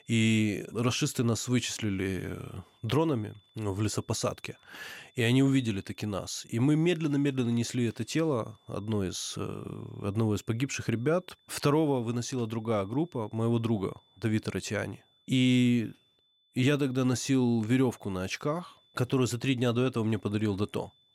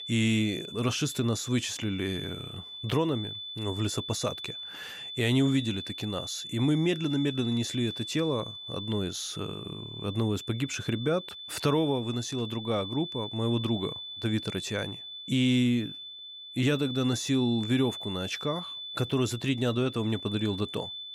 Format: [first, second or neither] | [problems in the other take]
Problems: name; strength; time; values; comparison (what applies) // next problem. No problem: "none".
first | high-pitched whine; loud; throughout; 3.5 kHz, 8 dB below the speech; faint in the first